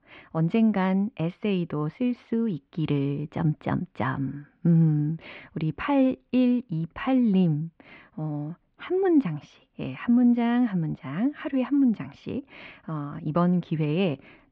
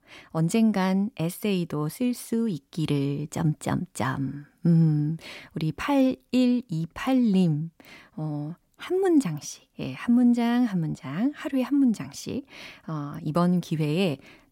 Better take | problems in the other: second | muffled; very; fading above 3 kHz

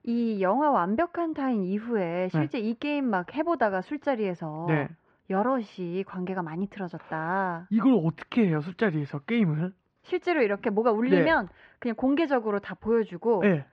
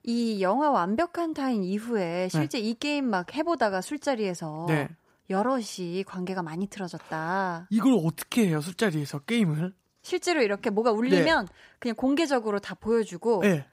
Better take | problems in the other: second | muffled; very; fading above 2.5 kHz

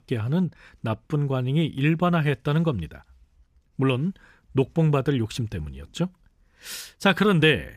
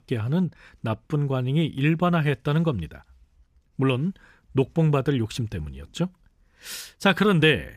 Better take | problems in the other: neither | none

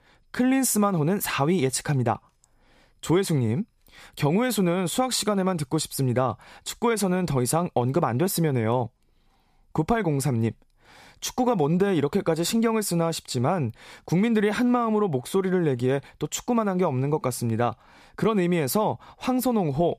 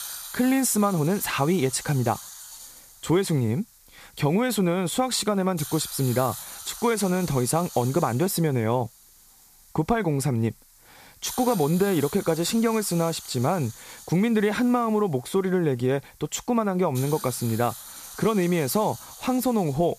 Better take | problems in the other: first | hiss; noticeable; throughout; 15 dB below the speech

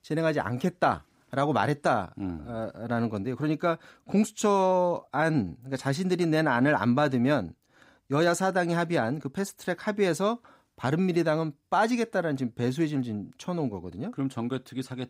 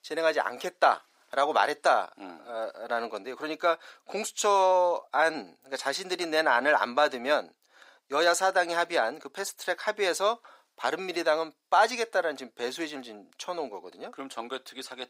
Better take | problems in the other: first | thin; very; fading below 500 Hz

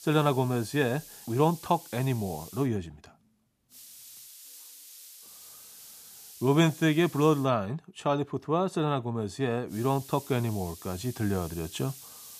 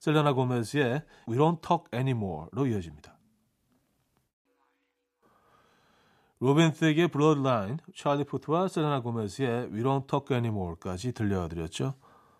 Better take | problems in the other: second | hiss; noticeable; until 2.5 s, from 3.5 to 7.5 s and from 9.5 s on; 15 dB below the speech

